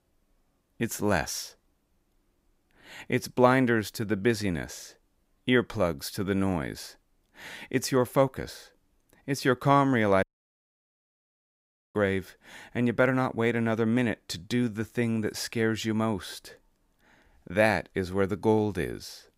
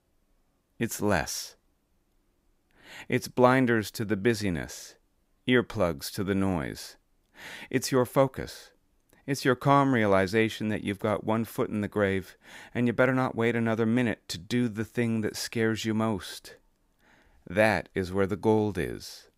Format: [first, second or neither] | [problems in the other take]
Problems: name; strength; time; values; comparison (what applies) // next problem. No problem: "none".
second | audio cutting out; at 10 s for 1.5 s